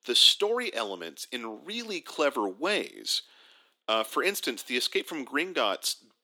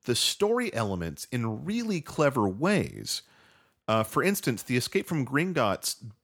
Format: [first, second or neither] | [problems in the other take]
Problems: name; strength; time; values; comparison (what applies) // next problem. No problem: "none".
second | thin; somewhat; fading below 300 Hz